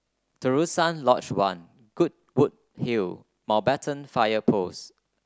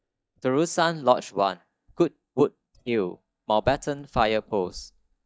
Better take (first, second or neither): first